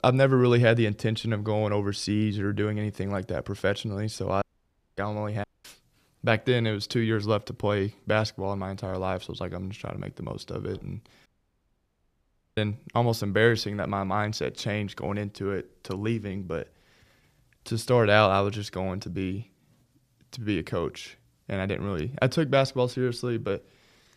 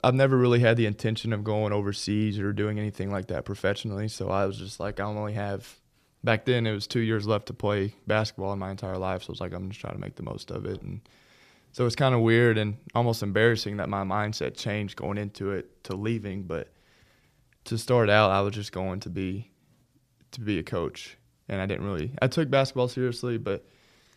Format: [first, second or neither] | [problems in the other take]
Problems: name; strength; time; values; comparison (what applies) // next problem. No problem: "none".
second | audio cutting out; at 4.5 s for 0.5 s, at 5.5 s and at 11 s for 1.5 s